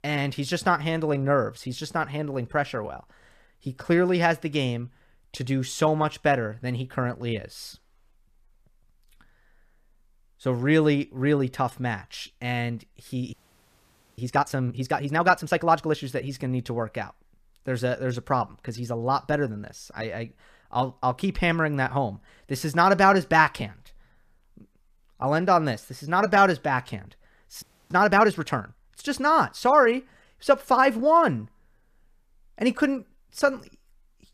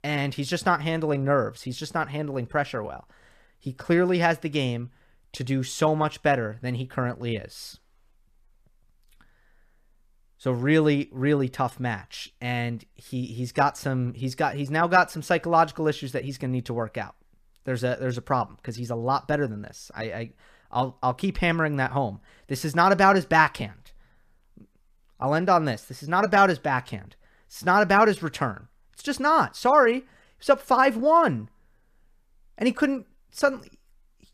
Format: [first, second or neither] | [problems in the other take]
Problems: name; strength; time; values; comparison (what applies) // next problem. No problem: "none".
second | audio freezing; at 13 s for 1 s and at 28 s